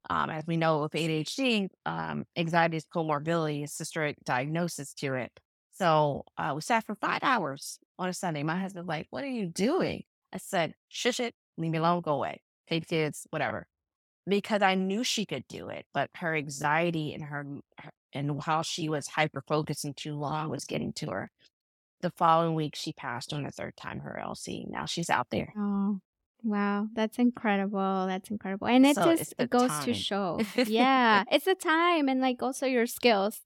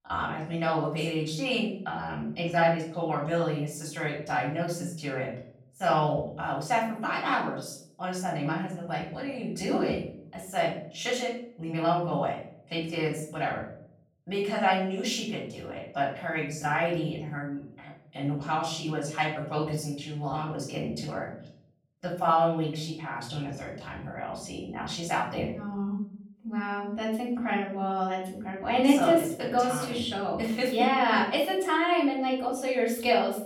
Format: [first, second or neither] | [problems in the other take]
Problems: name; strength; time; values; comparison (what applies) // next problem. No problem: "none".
first | off-mic speech; far // room echo; noticeable; dies away in 0.5 s